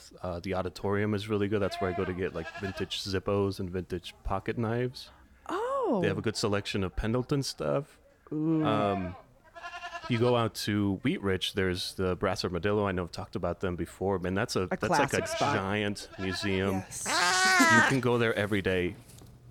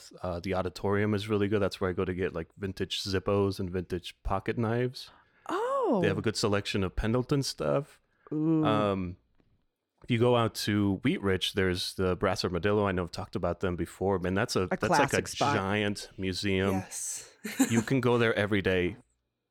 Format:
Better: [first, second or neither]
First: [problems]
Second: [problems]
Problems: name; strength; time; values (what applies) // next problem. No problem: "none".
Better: second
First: animal sounds; very loud; throughout; 1 dB above the speech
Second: none